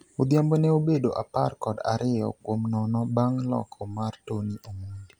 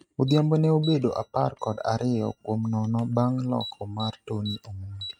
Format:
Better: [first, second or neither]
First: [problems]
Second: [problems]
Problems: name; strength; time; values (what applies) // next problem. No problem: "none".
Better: first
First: none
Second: noise reduction (neural mask model RNNoise)